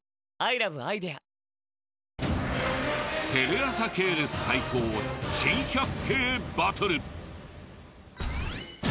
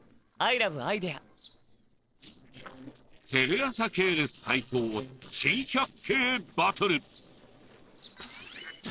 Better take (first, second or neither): first